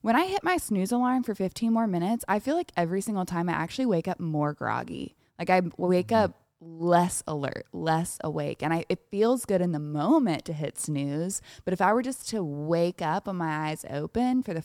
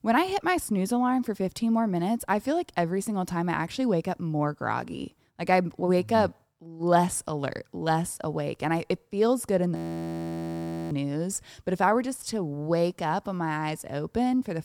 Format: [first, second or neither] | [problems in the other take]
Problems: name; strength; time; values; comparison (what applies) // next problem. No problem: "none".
first | audio freezing; at 10 s for 1 s